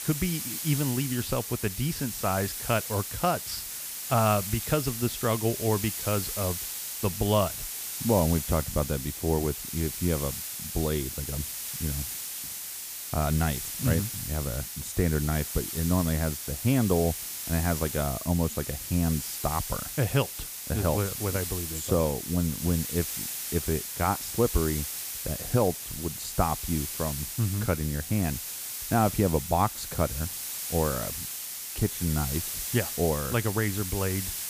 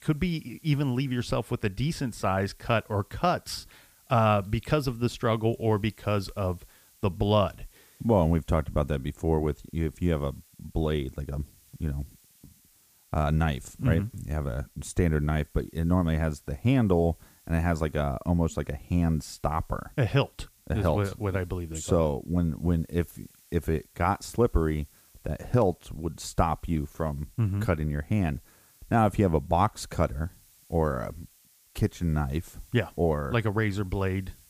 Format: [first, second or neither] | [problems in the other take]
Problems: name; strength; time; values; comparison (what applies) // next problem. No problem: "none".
second | hiss; loud; throughout; 4 dB below the speech; faint in the second